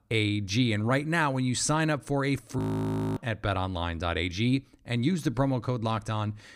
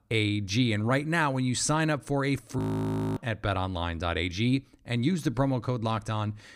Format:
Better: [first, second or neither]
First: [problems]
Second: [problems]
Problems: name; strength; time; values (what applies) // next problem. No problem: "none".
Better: neither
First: audio freezing; at 2.5 s for 0.5 s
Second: audio freezing; at 2.5 s for 0.5 s